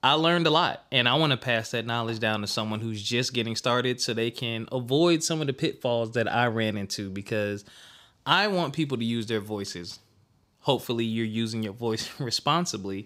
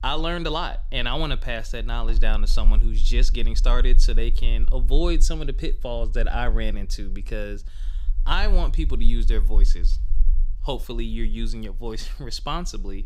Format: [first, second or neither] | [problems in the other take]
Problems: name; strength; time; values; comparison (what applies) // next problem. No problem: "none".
first | low rumble; faint; throughout; 25 dB below the speech